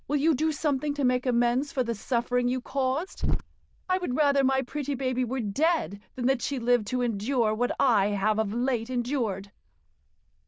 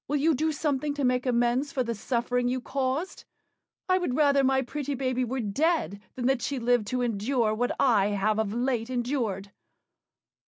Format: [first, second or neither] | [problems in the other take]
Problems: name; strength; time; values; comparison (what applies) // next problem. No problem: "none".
second | noise reduction (neural diffusion model UNIVERSE++)